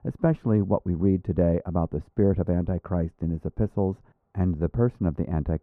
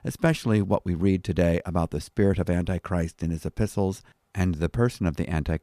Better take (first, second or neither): second